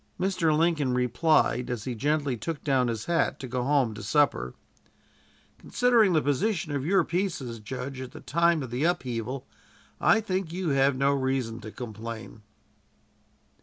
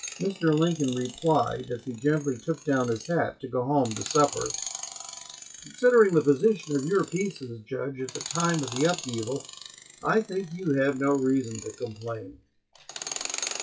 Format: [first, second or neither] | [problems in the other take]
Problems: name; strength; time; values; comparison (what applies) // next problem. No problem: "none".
first | noise reduction (classical method WPE with log-MMSE)